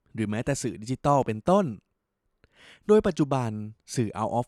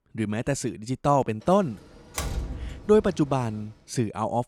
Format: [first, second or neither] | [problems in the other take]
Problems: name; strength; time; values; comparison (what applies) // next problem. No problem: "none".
first | door banging; noticeable; from 2 to 3.5 s; peak 6 dB below the speech